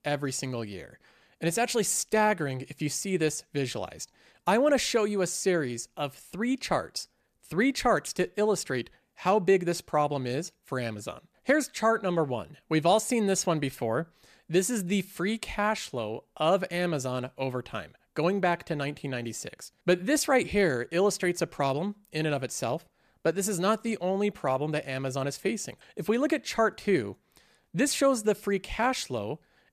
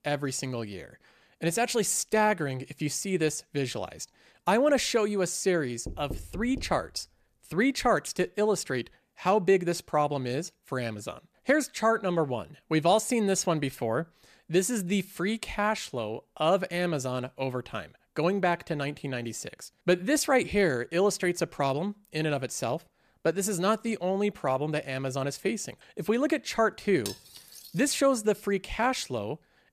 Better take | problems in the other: first | door banging; faint; at 6 s; peak 10 dB below the speech // clattering dishes; faint; at 27 s; peak 10 dB below the speech

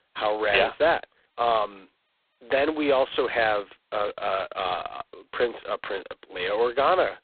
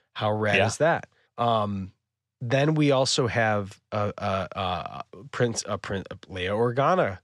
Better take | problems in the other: second | phone-call audio; poor line; nothing above 4 kHz

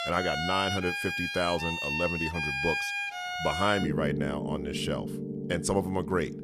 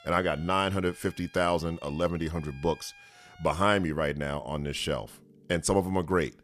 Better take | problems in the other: second | background music; loud; throughout; 1 dB below the speech; faint in the second

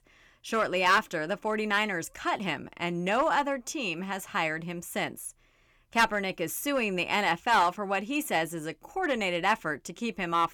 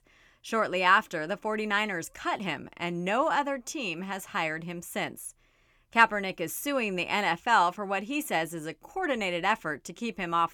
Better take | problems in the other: second | distortion; slight; 1.9% of the sound clipped

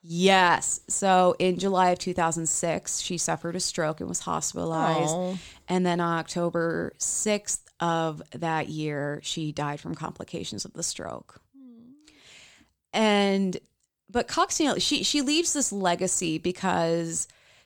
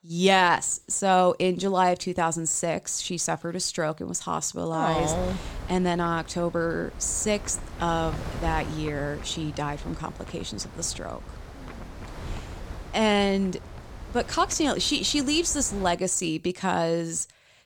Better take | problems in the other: first | wind noise on the microphone; occasional gusts; from 5 to 16 s; 15 dB below the speech

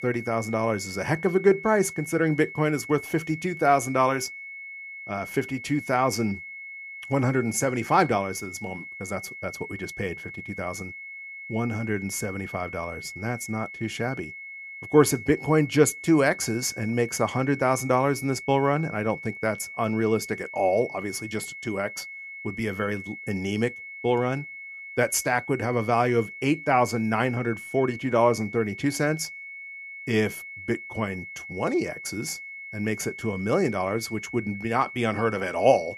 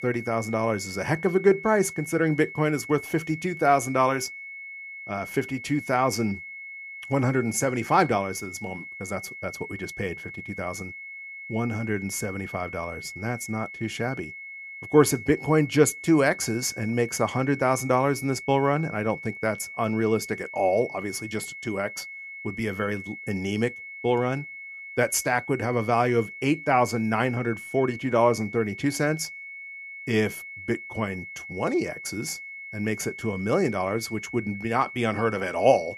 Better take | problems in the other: neither | high-pitched whine; noticeable; throughout; 2 kHz, 10 dB below the speech; the same in both

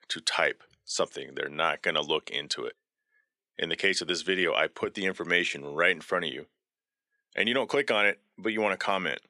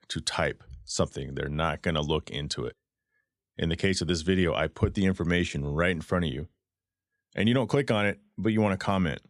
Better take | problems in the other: second | thin; somewhat; fading below 400 Hz

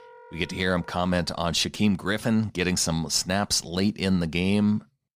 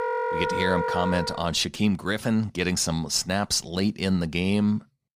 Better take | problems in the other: first | background music; loud; until 1.5 s; 3 dB below the speech; faint in the first

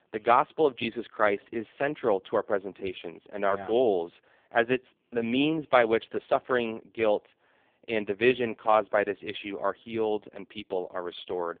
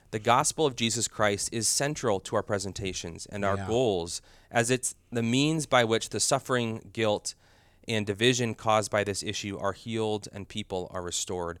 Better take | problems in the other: second | phone-call audio; poor line

